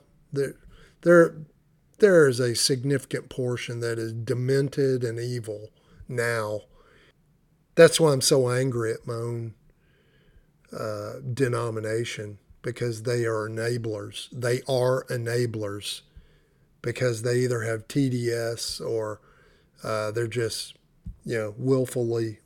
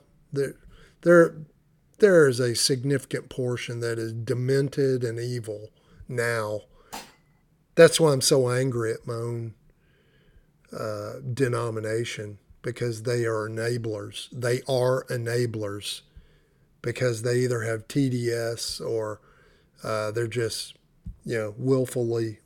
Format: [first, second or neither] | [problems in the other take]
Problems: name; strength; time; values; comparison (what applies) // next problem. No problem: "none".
first | clattering dishes; faint; at 7 s; peak 15 dB below the speech